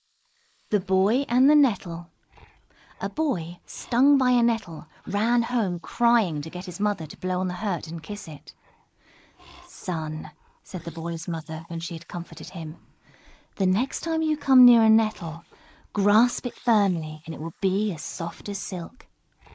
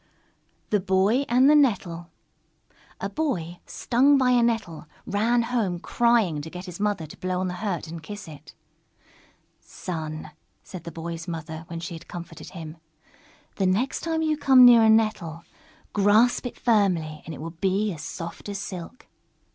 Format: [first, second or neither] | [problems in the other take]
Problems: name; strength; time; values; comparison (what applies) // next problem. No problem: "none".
second | noise reduction (neural mask model Resemble Enhance denoiser)